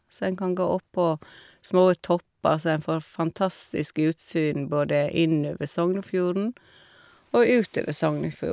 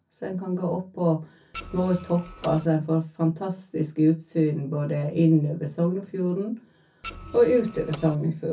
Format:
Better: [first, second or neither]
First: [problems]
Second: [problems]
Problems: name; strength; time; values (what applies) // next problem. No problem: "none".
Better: first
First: none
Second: background sound (Printer); 16 dB below the speech // room echo; dies away in 0.3 s